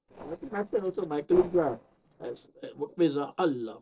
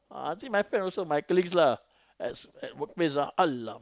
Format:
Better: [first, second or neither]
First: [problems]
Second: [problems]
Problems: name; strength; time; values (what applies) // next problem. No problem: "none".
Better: second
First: noise reduction (neural separator model SepFormer DNS4)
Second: none